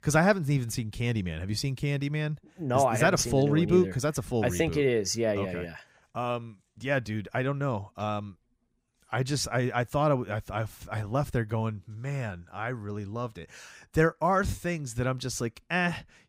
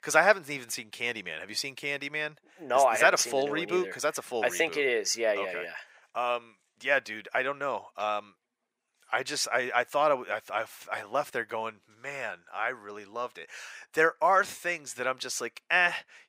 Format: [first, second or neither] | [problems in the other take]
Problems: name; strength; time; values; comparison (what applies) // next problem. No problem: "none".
first | thin; very; fading below 600 Hz